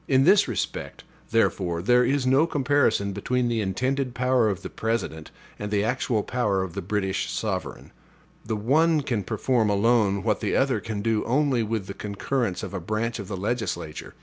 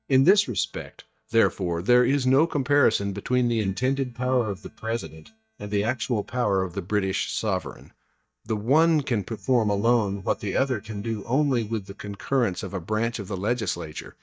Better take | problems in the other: first | noise reduction (neural mask model DeepFilterNet 3)

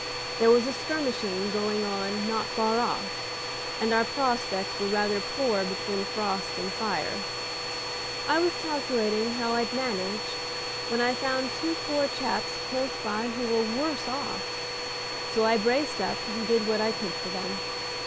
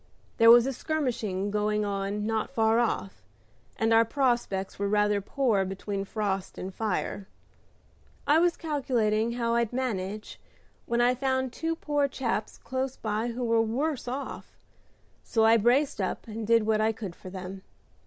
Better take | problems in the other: second | background sound (Domestic sounds, home sounds); 4 dB below the speech

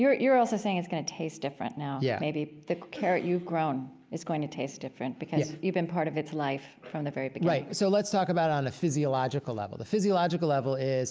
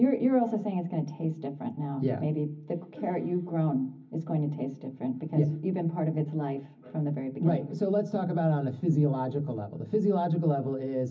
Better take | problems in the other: first | room echo; dies away in 0.4 s

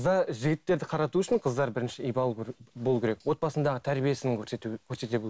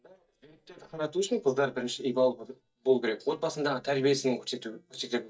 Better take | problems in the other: first | noise reduction (neural mask model DeepFilterNet 3)

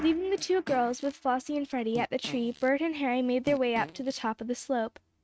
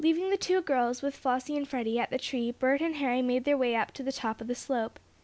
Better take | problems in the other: second | noise reduction (neural mask model RNNoise)

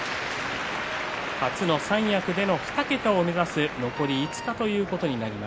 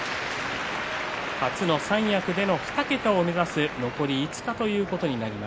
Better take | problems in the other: second | background sound (Wind instrument, woodwind instrument); 15 dB below the speech

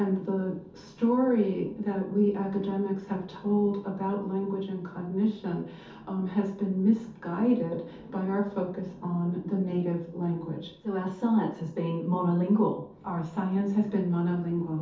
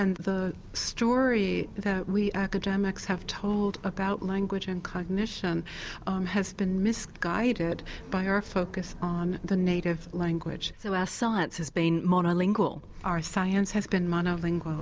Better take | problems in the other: second | room echo; dies away in 0.5 s

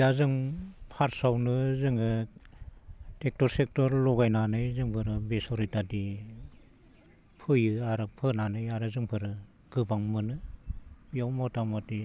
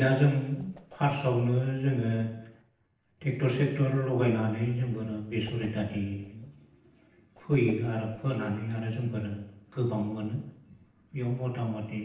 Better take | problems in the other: first | noise reduction (neural separator model SepFormer DNS4)

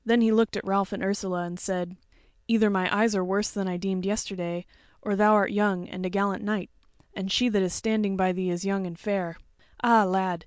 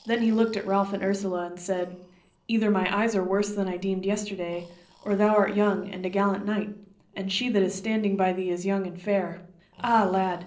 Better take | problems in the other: first | noise reduction (neural separator model SepFormer DNS4)

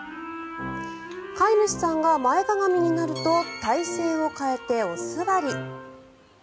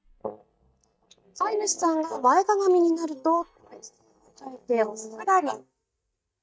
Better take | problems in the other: first | noise reduction (neural mask model DeepFilterNet 3)

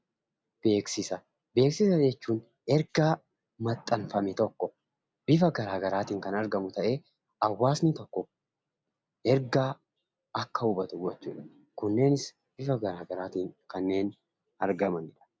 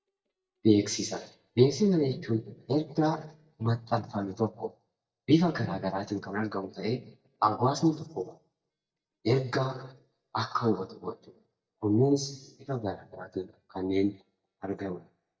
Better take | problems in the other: first | noise reduction (neural mask model DeepFilterNet 3)

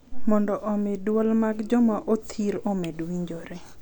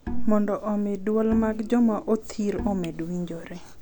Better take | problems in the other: first | background sound (Bowed string instrument); 14 dB below the speech

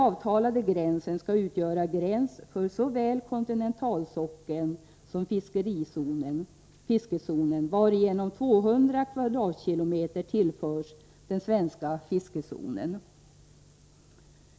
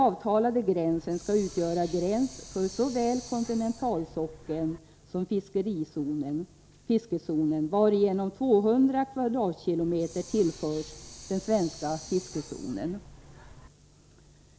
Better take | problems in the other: first | background sound (Hiss); 17 dB below the speech

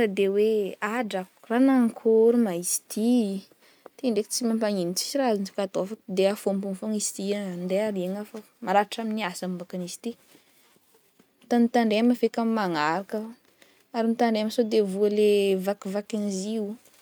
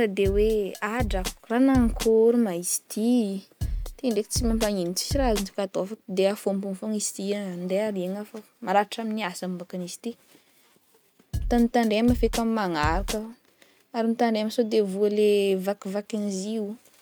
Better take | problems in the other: first | background sound (Drum kit); 6 dB below the speech

